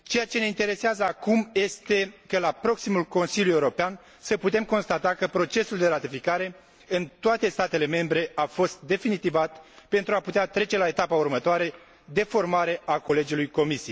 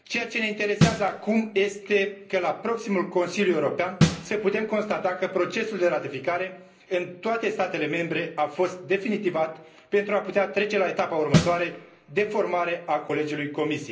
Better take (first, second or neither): first